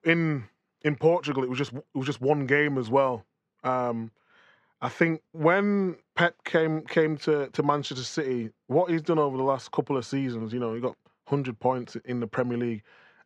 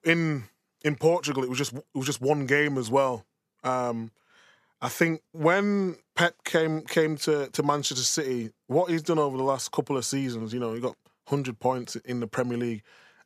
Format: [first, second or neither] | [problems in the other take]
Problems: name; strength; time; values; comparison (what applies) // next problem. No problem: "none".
second | muffled; slightly; fading above 3 kHz